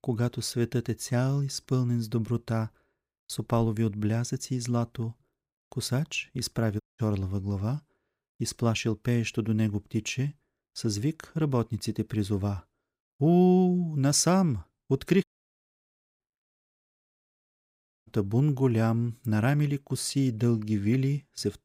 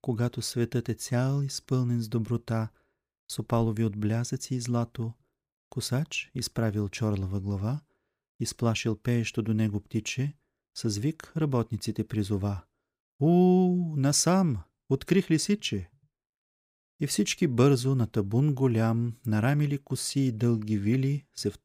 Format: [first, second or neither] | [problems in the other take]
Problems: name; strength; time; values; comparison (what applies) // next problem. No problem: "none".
second | audio cutting out; at 7 s, at 15 s for 1 s and at 17 s for 1 s